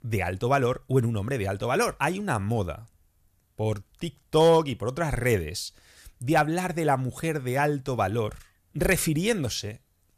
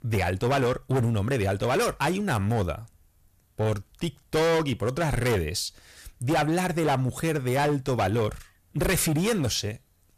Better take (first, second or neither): first